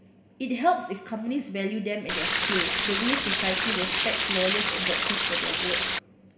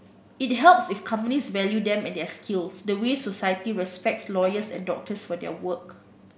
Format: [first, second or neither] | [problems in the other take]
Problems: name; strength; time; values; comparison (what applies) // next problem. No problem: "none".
second | background sound (Stream); 4 dB above the speech // room echo; dies away in 1.4 s